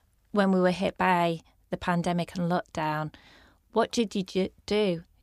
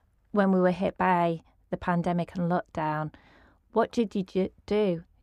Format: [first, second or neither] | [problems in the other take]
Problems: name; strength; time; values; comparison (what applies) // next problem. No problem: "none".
first | muffled; slightly; fading above 2.5 kHz